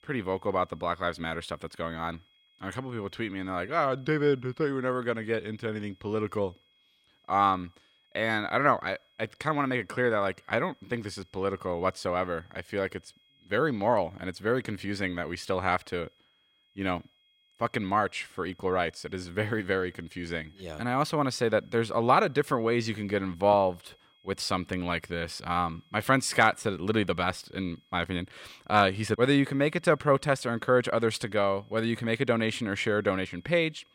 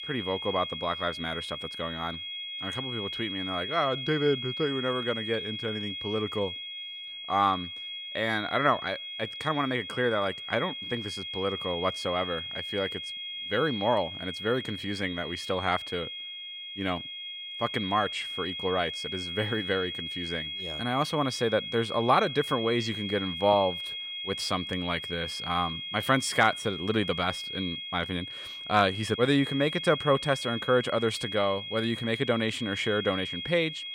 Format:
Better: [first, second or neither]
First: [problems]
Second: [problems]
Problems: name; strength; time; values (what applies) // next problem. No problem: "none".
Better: first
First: high-pitched whine; faint; throughout; 3.5 kHz, 35 dB below the speech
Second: high-pitched whine; loud; throughout; 3.5 kHz, 5 dB below the speech